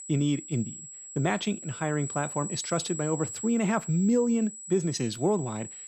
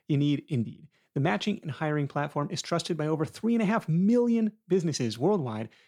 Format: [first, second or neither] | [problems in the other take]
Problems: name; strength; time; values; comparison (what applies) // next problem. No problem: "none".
second | high-pitched whine; loud; throughout; 8 kHz, 9 dB below the speech